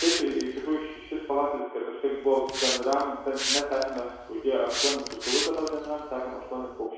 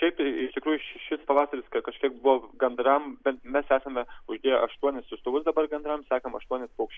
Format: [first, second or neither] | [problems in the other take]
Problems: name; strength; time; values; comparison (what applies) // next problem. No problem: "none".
second | background sound (Hiss); 6 dB below the speech // room echo; dies away in 1.1 s